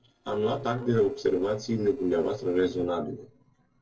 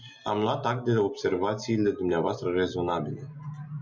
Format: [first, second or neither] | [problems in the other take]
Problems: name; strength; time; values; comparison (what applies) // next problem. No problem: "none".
second | noise reduction (neural separator model SepFormer DNS4)